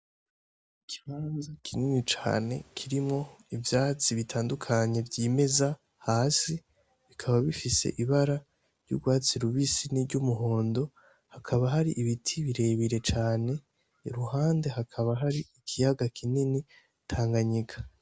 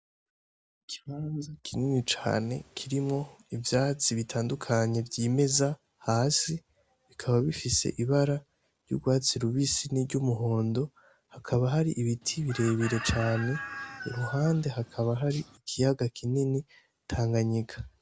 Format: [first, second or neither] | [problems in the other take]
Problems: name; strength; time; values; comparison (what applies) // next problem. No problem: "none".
first | background sound (Chicken, rooster); 11 dB below the speech